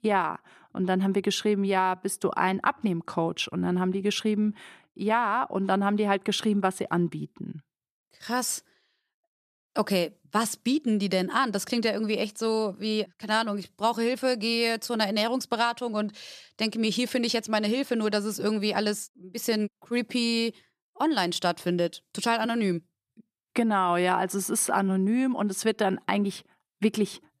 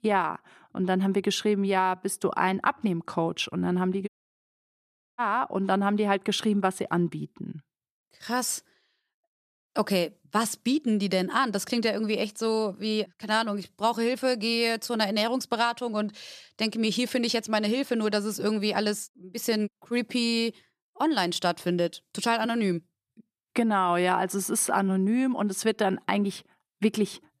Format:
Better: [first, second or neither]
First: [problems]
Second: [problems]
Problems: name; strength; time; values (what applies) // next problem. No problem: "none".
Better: first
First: none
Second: audio cutting out; at 4 s for 1 s